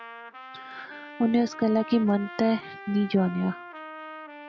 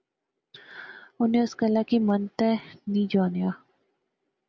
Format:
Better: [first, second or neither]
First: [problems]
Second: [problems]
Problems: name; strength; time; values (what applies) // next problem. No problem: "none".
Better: second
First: background sound (Trumpet); 15 dB below the speech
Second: none